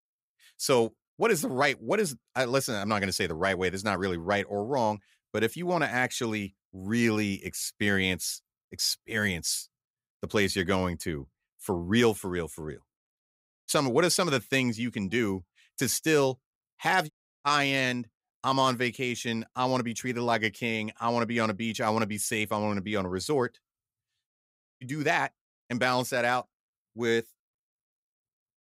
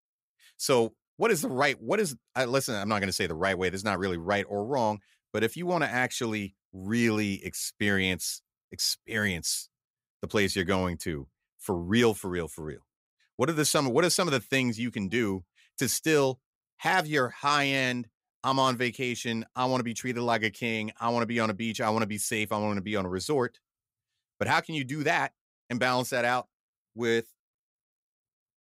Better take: second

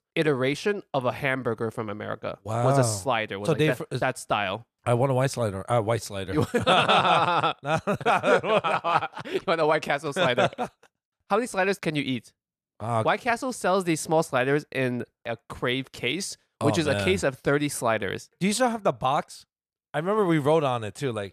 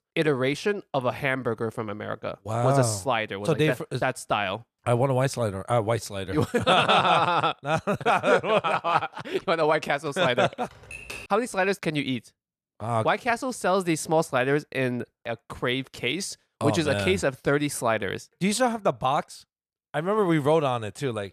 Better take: first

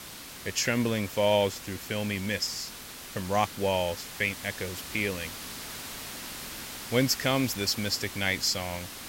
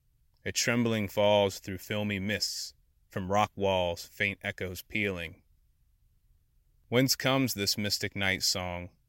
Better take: second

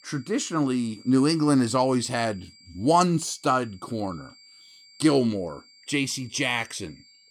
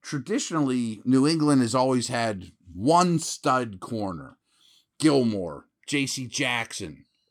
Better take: second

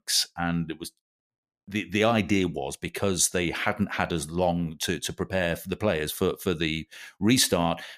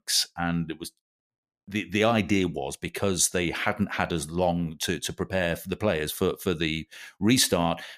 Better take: neither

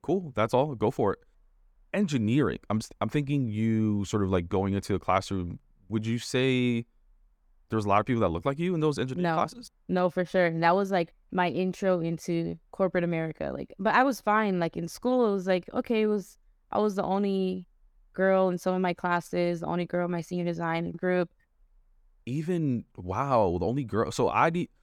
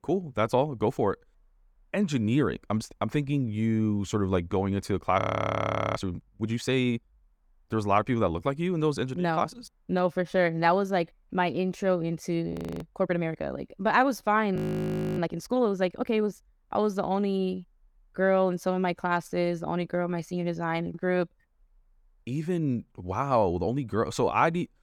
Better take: first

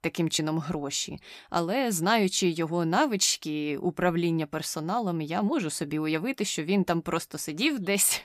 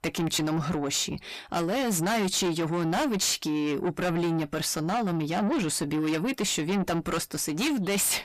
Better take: first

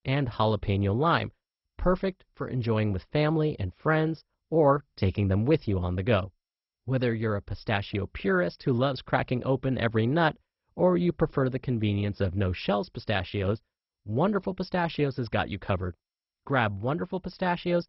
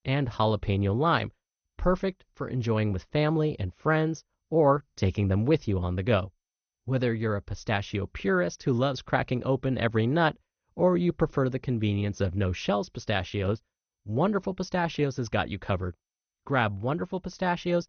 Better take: second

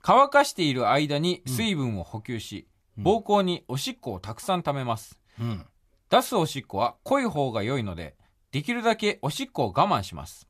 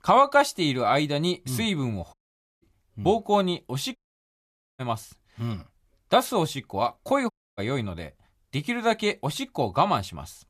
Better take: first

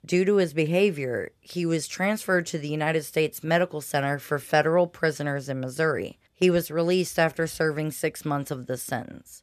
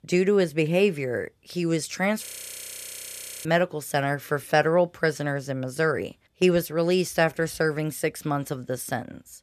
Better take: first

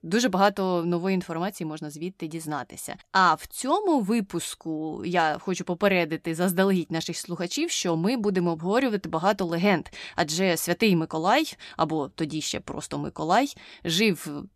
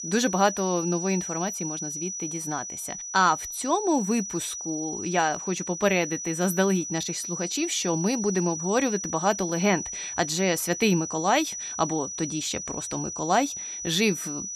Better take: first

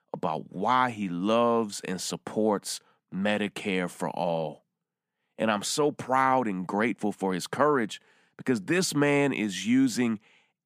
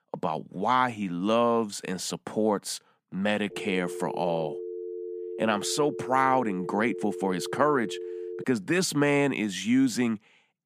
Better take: first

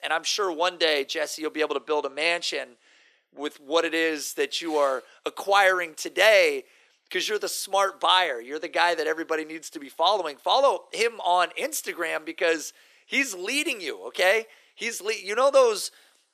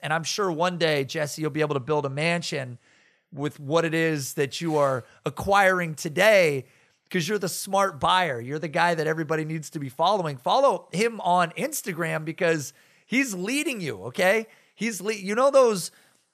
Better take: second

